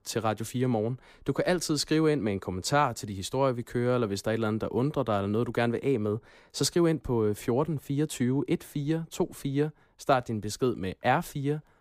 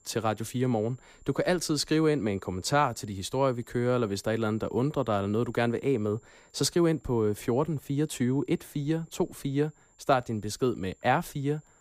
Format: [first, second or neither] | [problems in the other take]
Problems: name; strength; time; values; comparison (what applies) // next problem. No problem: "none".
first | high-pitched whine; faint; throughout; 7.5 kHz, 35 dB below the speech